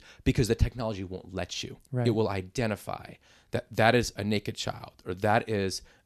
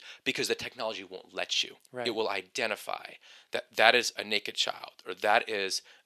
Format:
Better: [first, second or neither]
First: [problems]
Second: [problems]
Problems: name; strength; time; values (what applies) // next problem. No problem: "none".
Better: first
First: none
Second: thin; very; fading below 500 Hz